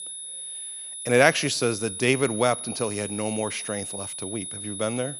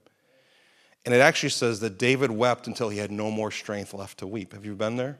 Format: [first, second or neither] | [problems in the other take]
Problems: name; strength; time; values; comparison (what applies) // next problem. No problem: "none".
second | high-pitched whine; loud; throughout; 10.5 kHz, 8 dB below the speech